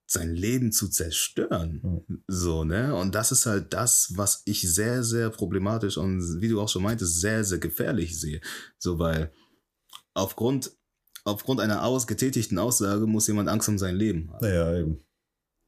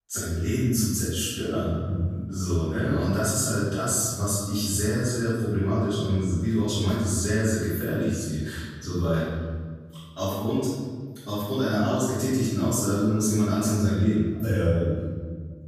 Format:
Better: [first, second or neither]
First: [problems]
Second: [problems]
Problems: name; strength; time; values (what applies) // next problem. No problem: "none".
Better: first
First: none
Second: room echo; strong; dies away in 1.5 s // off-mic speech; far